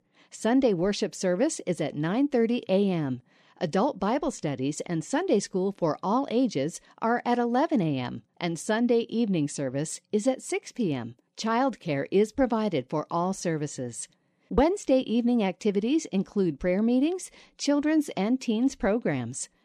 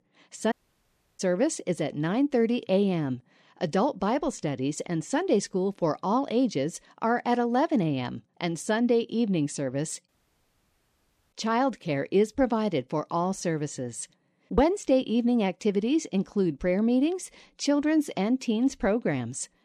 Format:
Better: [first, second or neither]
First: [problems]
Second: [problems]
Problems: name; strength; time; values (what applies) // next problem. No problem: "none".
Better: first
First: none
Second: audio cutting out; at 0.5 s for 0.5 s and at 10 s for 1.5 s